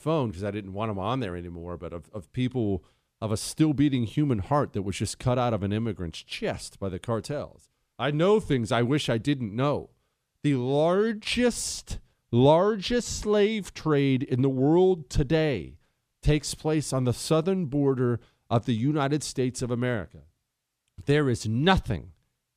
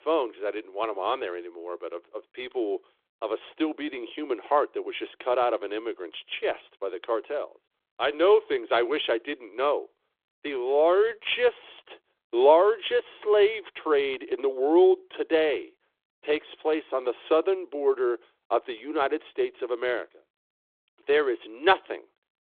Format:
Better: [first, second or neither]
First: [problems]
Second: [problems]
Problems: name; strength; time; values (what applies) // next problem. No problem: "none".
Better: first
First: none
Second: phone-call audio; nothing above 3.5 kHz